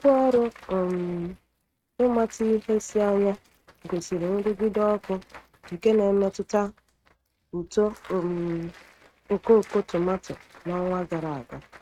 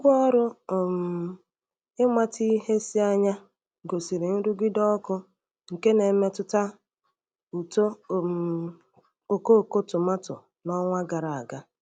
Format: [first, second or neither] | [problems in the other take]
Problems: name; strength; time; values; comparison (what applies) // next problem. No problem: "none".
second | noise reduction (neural mask model RNNoise)